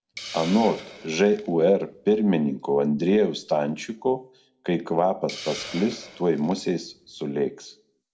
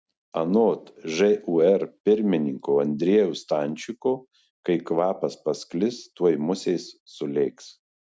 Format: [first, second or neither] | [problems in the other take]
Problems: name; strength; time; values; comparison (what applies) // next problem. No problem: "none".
second | background sound (Hiss); 19 dB below the speech // room echo; dies away in 0.3 s